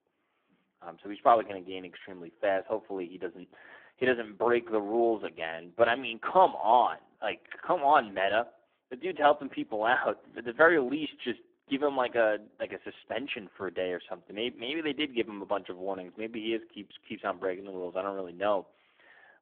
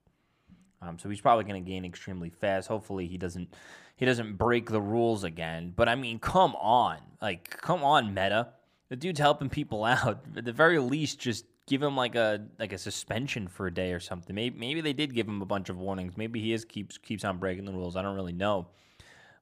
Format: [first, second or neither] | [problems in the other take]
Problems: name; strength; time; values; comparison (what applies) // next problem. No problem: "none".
second | phone-call audio; poor line